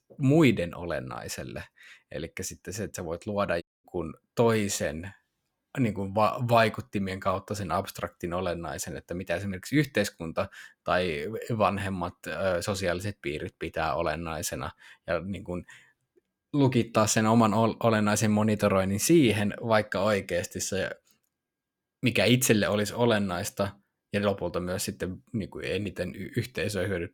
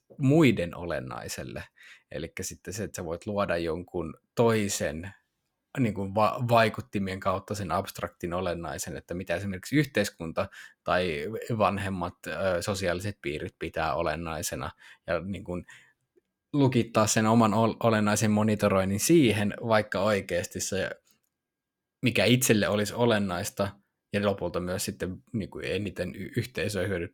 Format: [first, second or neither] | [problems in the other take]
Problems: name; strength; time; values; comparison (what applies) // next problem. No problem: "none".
second | audio cutting out; at 3.5 s